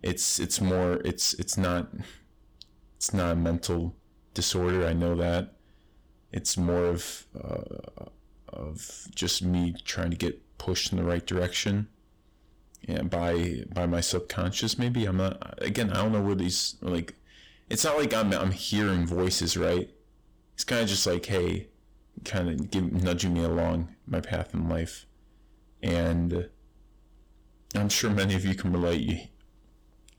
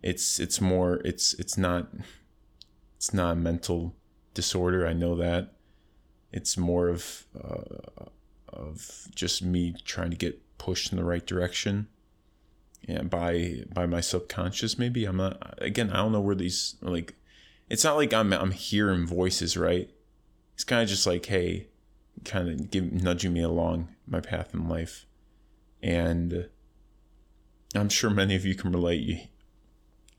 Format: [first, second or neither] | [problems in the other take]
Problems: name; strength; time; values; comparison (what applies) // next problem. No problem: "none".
second | distortion; slight; 9% of the sound clipped